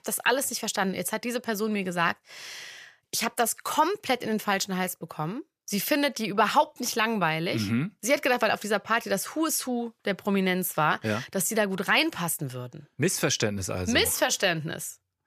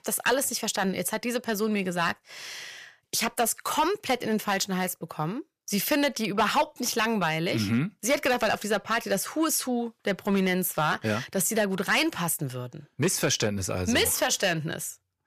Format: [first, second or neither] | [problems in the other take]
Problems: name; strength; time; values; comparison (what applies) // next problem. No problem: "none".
first | distortion; slight; 3% of the sound clipped